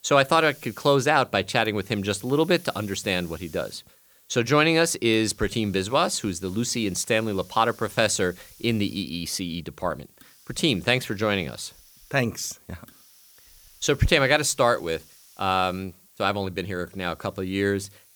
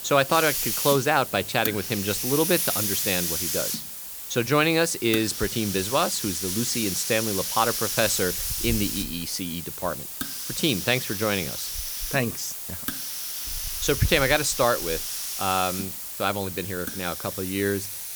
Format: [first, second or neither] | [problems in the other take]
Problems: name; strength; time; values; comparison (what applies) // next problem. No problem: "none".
first | hiss; loud; throughout; 3 dB below the speech; faint in the first